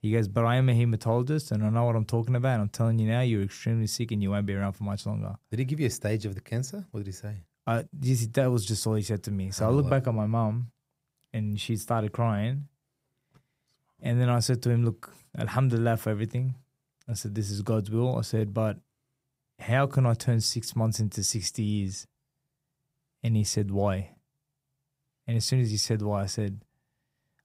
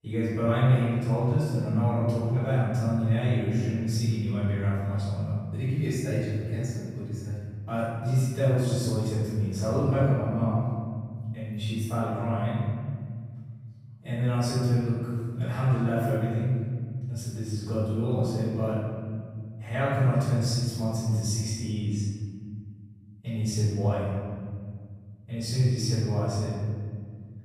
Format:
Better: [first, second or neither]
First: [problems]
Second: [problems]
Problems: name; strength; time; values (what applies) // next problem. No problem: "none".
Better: first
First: none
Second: off-mic speech; far // room echo; strong; dies away in 2 s